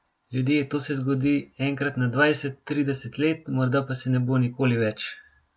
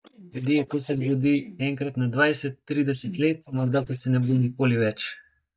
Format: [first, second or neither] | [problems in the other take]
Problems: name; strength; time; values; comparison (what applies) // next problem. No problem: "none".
first | noise reduction (neural mask model DeepFilterNet 3)